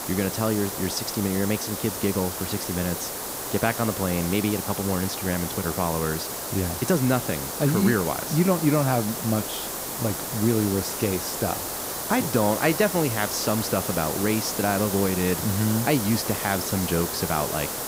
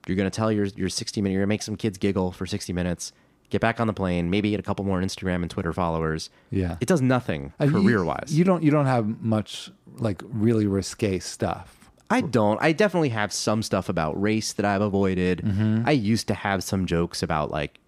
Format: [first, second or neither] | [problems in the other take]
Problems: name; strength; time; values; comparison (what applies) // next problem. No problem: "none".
second | hiss; loud; throughout; 4 dB below the speech